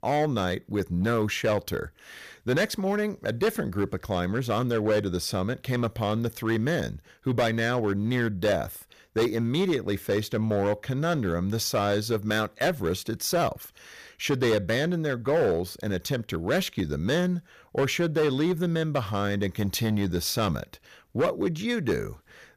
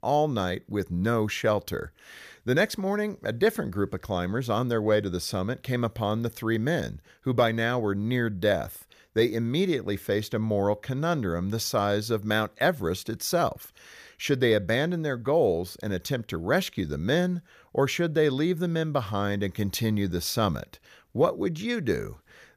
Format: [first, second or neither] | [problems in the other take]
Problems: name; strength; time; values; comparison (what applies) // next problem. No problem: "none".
second | distortion; slight; 7% of the sound clipped